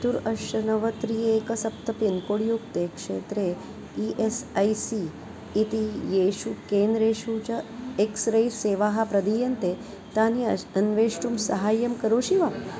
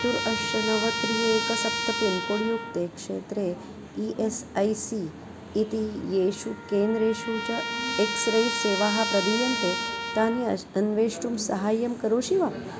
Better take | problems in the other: first | background sound (Trumpet); 6 dB below the speech

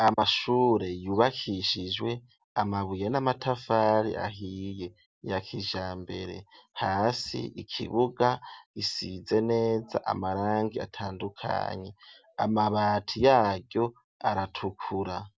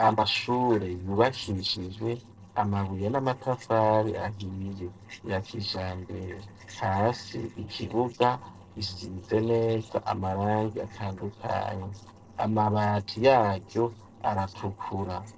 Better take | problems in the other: first | noise reduction (neural separator model SepFormer DNS4)

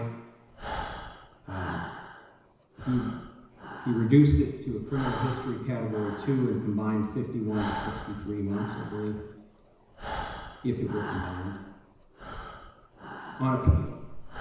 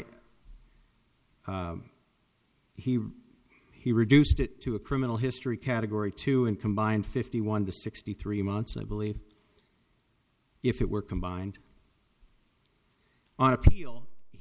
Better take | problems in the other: second | background sound (Breathing); 11 dB below the speech // room echo; dies away in 1 s

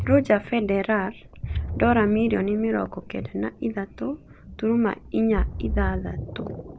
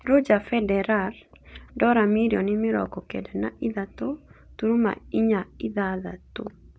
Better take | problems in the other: second | background sound (Ocean); 8 dB below the speech

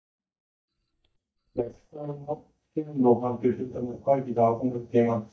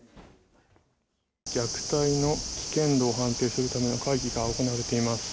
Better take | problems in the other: second | noise reduction (neural mask model DeepFilterNet 3)

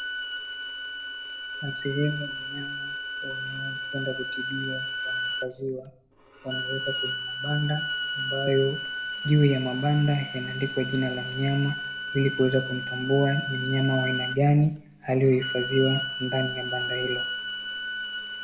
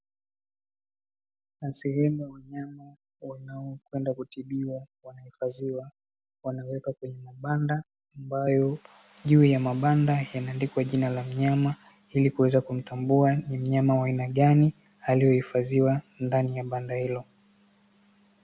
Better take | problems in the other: second | background sound (Bowed string instrument); 5 dB below the speech // room echo; dies away in 0.5 s

